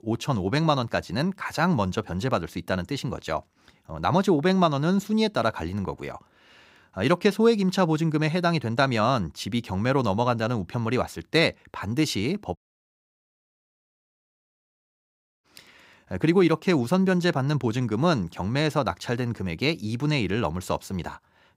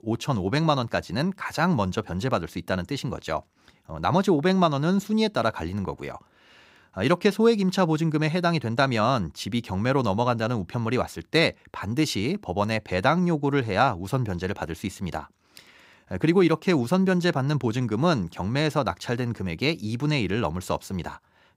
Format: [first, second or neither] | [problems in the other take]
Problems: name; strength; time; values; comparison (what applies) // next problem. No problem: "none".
second | audio cutting out; at 13 s for 3 s